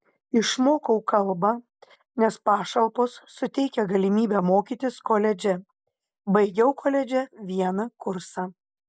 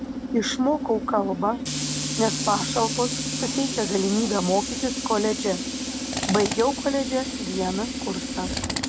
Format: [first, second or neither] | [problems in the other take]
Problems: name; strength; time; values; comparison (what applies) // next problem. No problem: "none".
first | background sound (Tools); 3 dB below the speech